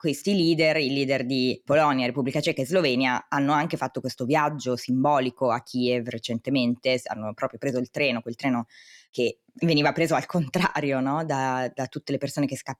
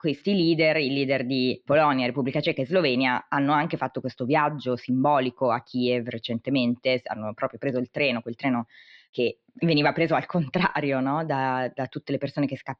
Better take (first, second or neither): first